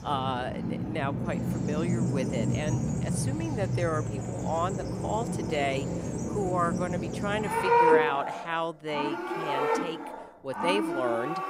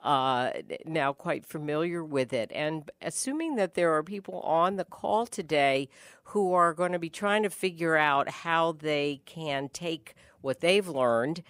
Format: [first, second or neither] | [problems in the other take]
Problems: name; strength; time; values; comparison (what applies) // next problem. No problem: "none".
second | animal sounds; very loud; throughout; 3 dB above the speech